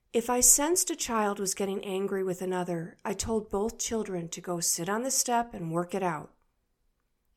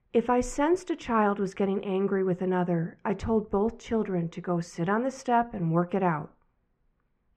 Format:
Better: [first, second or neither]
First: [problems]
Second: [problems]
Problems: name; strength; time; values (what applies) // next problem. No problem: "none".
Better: first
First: none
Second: muffled; very; fading above 2 kHz